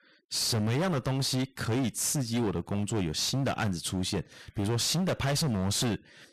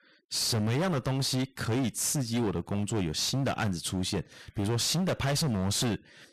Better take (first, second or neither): neither